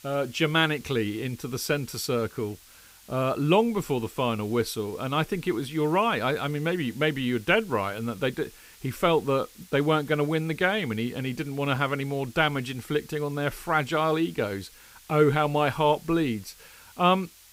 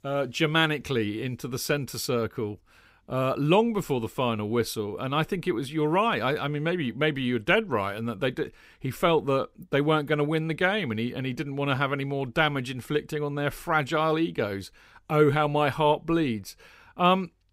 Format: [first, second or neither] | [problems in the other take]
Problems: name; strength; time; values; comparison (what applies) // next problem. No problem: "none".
second | hiss; faint; throughout; 25 dB below the speech